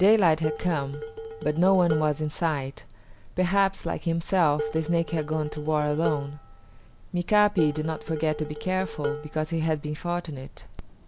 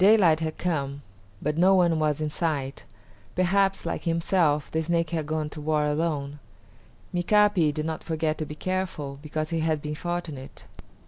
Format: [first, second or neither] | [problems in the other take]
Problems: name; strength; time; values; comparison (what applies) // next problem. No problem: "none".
second | background sound (Dishes, pots, and pans); 10 dB below the speech